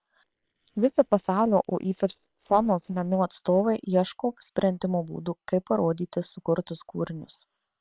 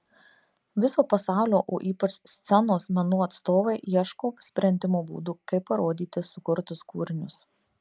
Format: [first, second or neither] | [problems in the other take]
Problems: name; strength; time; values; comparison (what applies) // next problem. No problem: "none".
second | noise reduction (neural separator model SepFormer WHAM!)